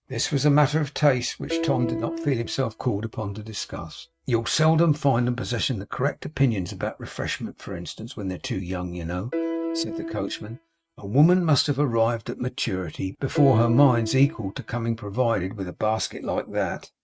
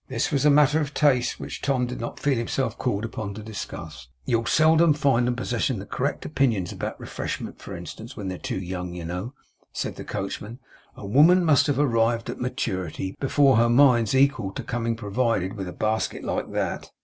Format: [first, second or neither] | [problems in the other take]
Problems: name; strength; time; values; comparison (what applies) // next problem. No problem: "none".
second | noise reduction (neural mask model RNNoise)